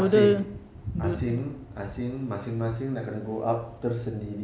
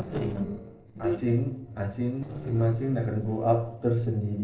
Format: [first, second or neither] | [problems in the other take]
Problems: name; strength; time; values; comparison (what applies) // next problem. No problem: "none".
first | noise reduction (neural separator model SepFormer DNS4)